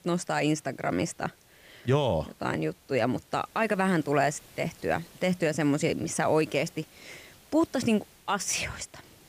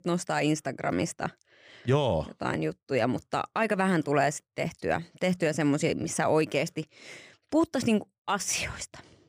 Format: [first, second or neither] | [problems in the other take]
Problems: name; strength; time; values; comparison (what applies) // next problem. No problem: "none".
second | hiss; faint; throughout; 25 dB below the speech